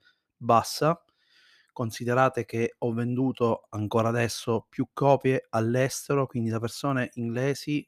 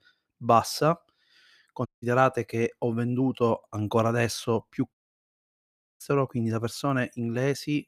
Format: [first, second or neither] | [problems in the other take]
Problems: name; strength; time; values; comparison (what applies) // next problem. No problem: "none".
first | audio cutting out; at 2 s and at 5 s for 1 s